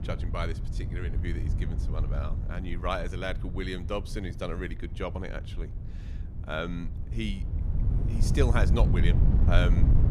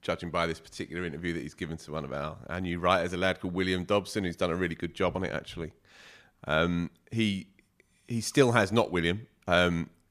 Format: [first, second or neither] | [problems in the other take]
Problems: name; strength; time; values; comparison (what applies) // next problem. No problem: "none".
second | wind noise on the microphone; heavy; 9 dB below the speech